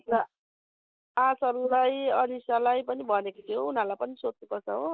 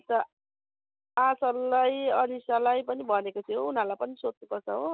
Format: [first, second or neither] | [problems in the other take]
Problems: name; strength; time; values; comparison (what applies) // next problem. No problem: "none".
second | noise reduction (neural mask model Resemble Enhance denoiser)